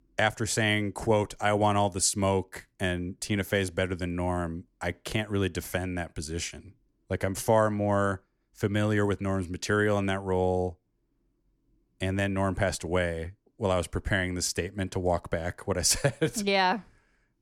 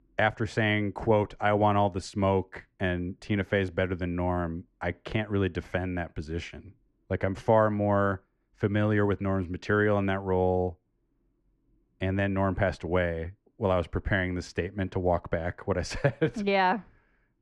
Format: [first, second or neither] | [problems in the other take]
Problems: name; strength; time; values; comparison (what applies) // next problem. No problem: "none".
first | muffled; very; fading above 2.5 kHz